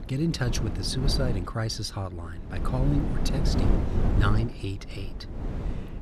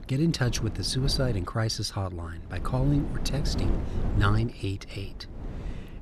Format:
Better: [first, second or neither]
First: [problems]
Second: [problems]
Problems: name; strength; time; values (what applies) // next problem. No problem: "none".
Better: second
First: wind noise on the microphone; heavy; 4 dB below the speech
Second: wind noise on the microphone; occasional gusts; 10 dB below the speech